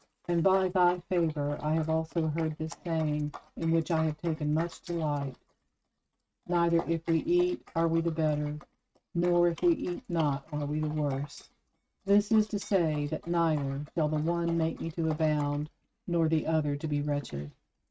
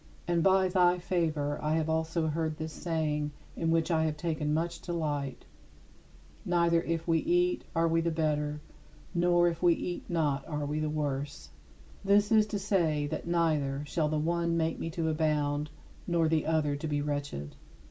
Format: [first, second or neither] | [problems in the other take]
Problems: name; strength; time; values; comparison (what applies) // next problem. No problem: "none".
second | noise reduction (neural mask model RNNoise)